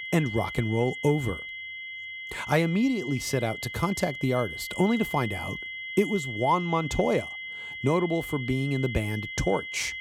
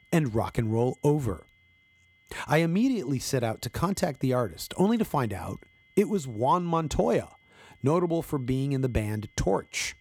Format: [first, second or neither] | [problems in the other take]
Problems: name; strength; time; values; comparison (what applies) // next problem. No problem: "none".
second | high-pitched whine; loud; throughout; 2 kHz, 8 dB below the speech; faint in the second